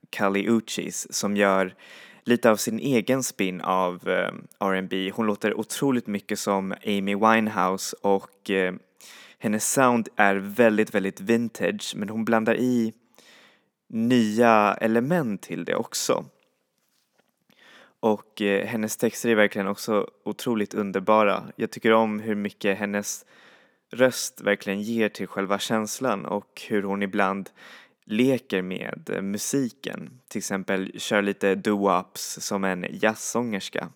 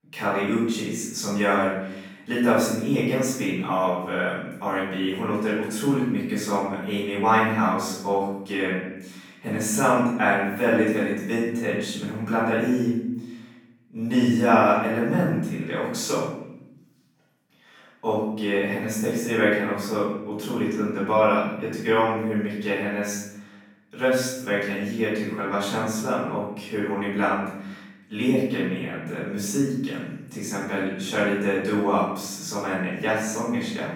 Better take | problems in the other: first | off-mic speech; far // room echo; strong; dies away in 0.9 s

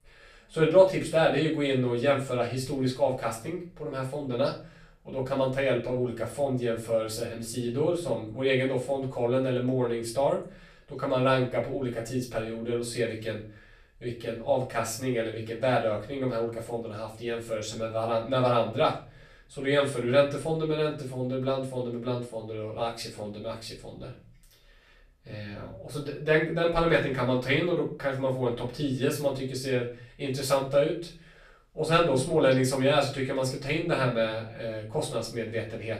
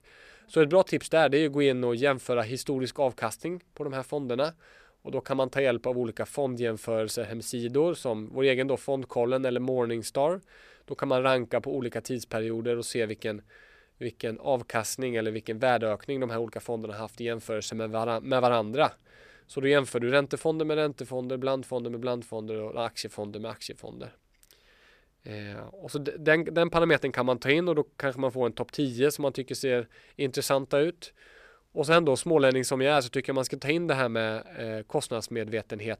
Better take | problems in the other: second | off-mic speech; far // room echo; slight; dies away in 0.4 s

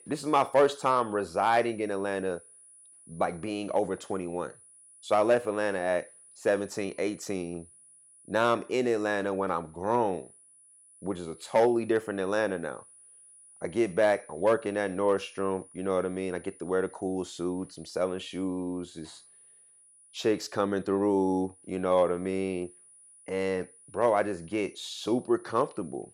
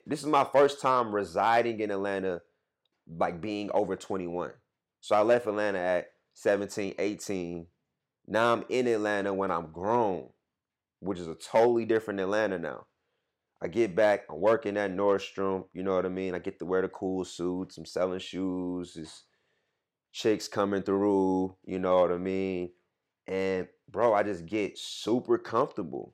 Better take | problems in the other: second | high-pitched whine; faint; throughout; 9.5 kHz, 25 dB below the speech

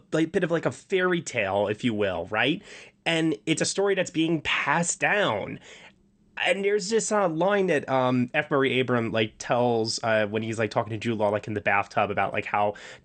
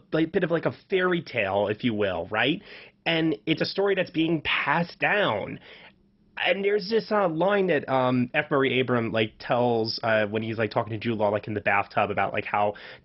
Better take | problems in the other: first | garbled, watery; badly; nothing above 5.5 kHz; slightly in the first

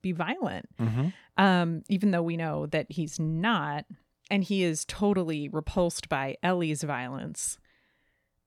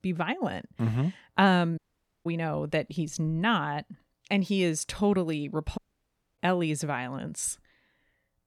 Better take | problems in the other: first | audio cutting out; at 2 s and at 6 s for 0.5 s

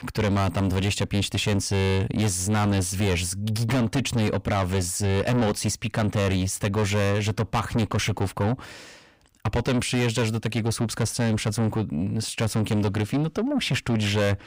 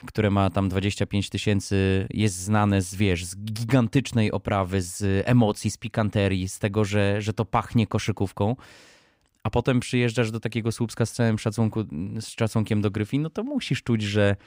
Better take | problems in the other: second | distortion; heavy; 6 dB below the speech

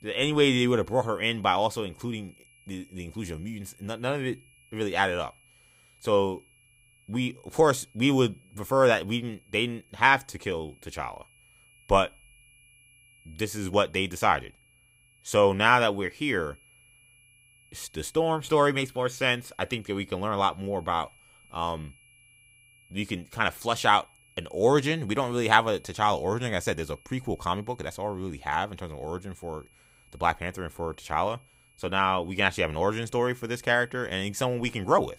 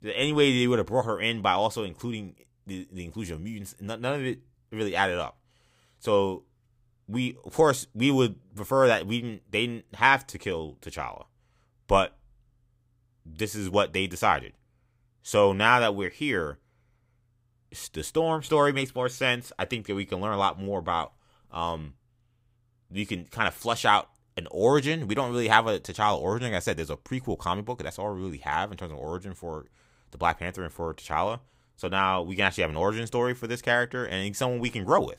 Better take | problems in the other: second | high-pitched whine; faint; throughout; 2.5 kHz, 30 dB below the speech

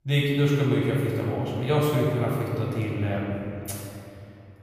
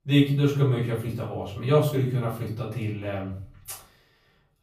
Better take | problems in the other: second | room echo; strong; dies away in 2.8 s; slight in the second // off-mic speech; far; far in the second

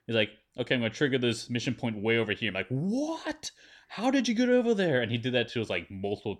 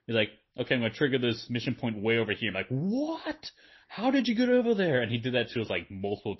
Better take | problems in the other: first | garbled, watery; slightly; nothing above 5.5 kHz

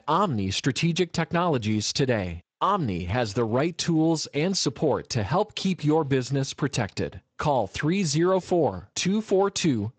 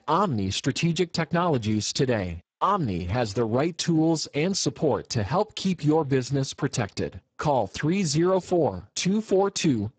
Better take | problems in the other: first | garbled, watery; badly; nothing above 7.5 kHz; slightly in the first

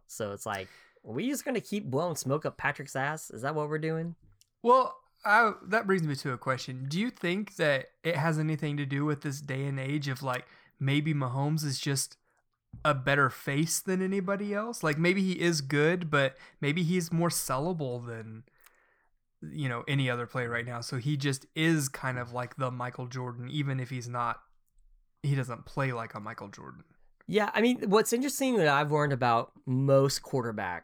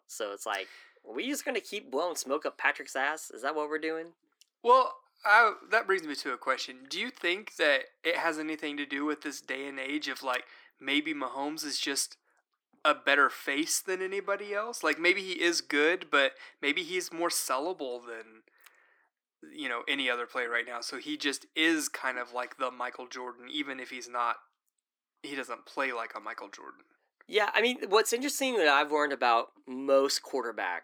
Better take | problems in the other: first | thin; somewhat; fading below 300 Hz

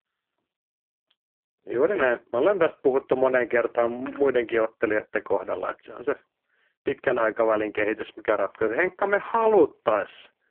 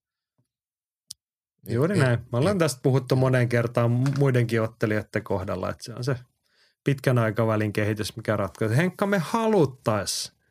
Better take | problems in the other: second | phone-call audio; poor line

